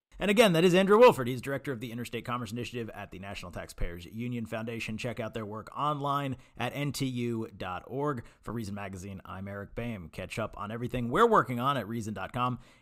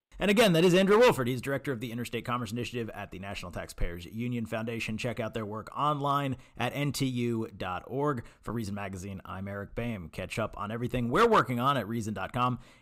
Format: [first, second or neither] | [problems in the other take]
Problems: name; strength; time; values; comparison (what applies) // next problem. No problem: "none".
first | distortion; slight; 1.6% of the sound clipped